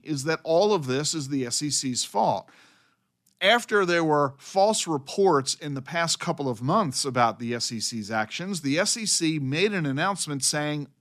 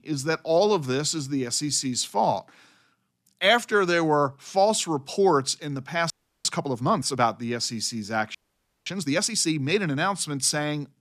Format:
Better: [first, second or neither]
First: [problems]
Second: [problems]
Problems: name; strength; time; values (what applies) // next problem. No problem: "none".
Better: first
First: none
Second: audio freezing; at 6 s and at 8.5 s for 0.5 s